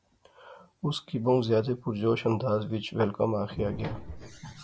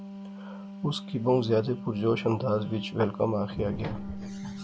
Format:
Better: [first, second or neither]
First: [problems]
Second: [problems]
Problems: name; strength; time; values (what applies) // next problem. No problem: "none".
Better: first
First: none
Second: background sound (Wind instrument, woodwind instrument); 10 dB below the speech